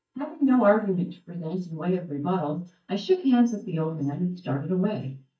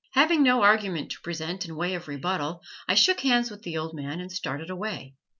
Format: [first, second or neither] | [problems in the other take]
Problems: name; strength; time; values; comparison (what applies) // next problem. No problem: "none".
second | noise reduction (neural mask model DeepFilterNet 3)